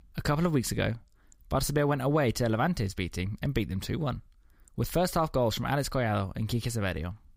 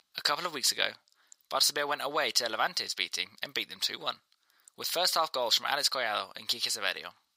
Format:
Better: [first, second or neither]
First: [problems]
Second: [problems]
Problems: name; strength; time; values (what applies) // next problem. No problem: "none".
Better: first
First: none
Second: thin; very; fading below 850 Hz